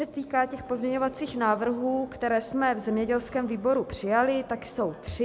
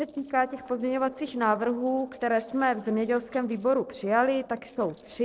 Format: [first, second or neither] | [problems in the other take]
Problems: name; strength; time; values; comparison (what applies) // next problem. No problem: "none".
first | noise reduction (neural separator model SepFormer DNS4)